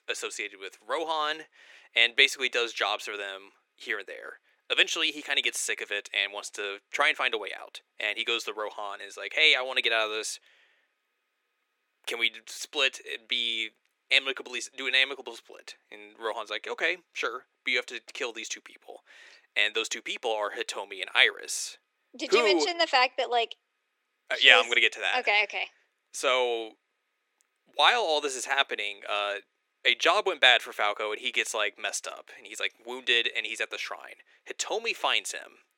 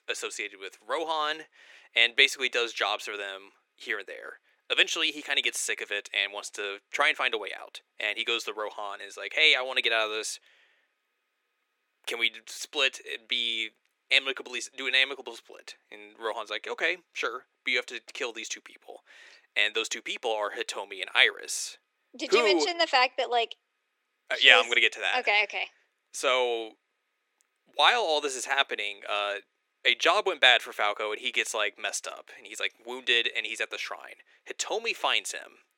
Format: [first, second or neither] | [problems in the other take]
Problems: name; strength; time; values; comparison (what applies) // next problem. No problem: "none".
neither | thin; very; fading below 350 Hz; the same in both